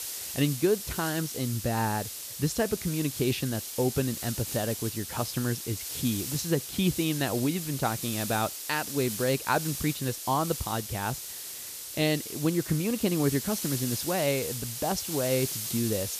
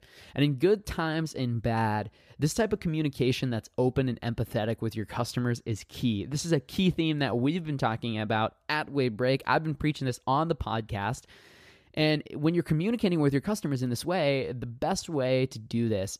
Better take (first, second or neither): second